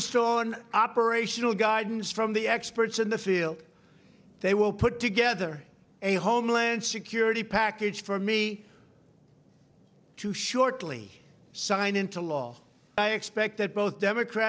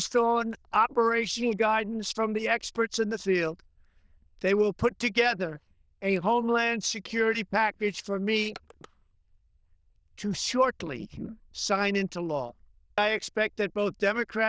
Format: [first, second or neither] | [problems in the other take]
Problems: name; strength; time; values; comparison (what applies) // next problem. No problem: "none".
first | noise reduction (neural diffusion model UNIVERSE++)